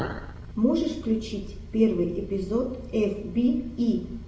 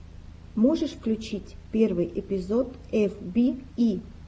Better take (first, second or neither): second